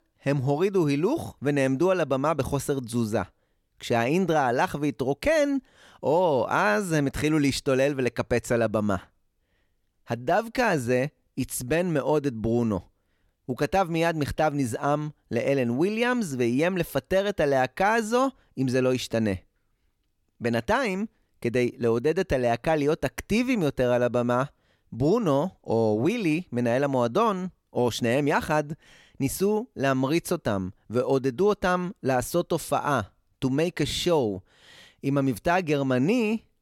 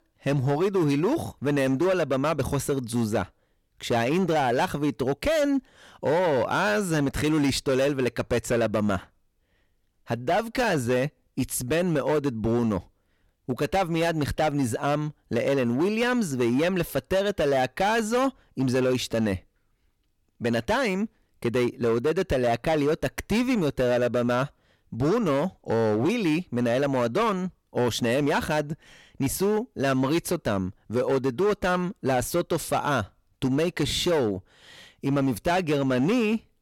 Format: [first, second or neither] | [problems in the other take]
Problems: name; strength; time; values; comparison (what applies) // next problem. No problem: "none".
first | distortion; slight; 12% of the sound clipped